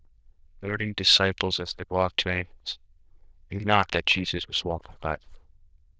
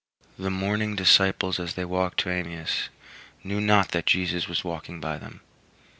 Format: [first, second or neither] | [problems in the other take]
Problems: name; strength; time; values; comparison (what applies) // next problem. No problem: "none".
second | noise reduction (neural diffusion model UNIVERSE++)